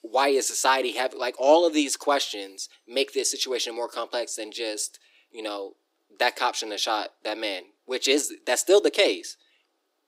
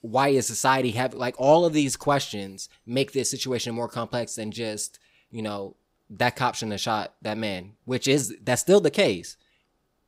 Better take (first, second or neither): second